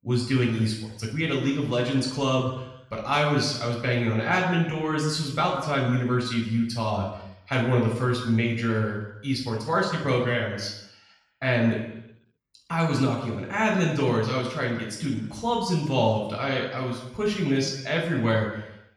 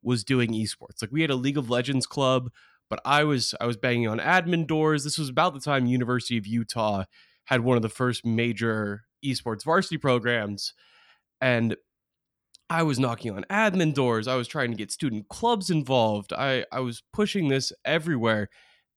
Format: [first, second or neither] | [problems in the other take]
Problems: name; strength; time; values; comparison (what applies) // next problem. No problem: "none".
second | room echo; noticeable; dies away in 0.9 s // off-mic speech; far